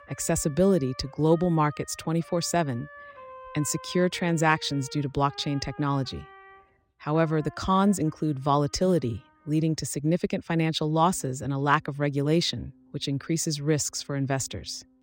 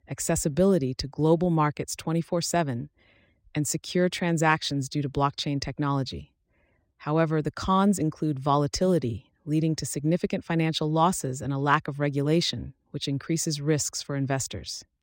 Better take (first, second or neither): second